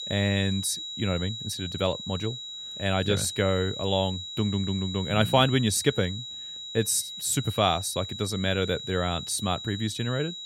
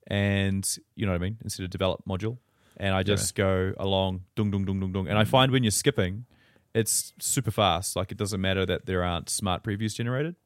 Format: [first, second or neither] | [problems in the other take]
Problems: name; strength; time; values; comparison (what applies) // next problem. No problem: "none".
second | high-pitched whine; loud; throughout; 4 kHz, 8 dB below the speech